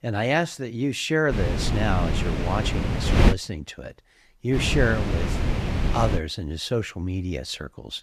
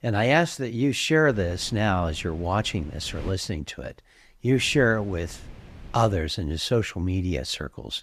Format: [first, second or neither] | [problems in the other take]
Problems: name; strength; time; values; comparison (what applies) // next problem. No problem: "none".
second | wind noise on the microphone; heavy; from 1.5 to 3.5 s and from 4.5 to 6 s; 4 dB below the speech; occasional gusts in the second